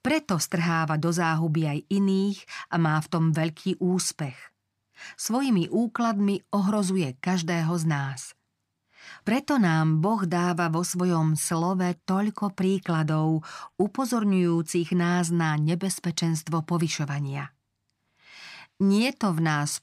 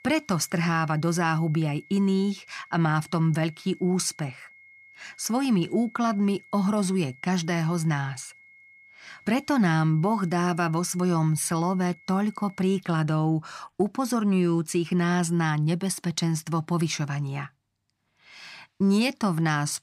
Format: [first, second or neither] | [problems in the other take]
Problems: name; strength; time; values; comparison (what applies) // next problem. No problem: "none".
first | high-pitched whine; faint; until 13 s; 2 kHz, 25 dB below the speech